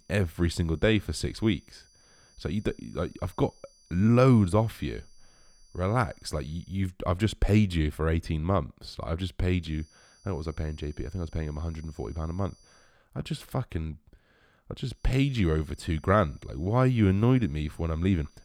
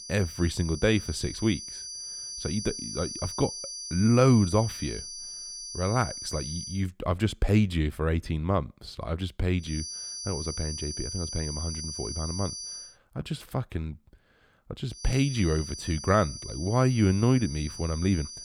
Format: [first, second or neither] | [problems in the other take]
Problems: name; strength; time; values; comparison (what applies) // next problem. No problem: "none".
first | high-pitched whine; loud; until 7 s, from 9.5 to 13 s and from 15 s on; 6 kHz, 8 dB below the speech; faint in the first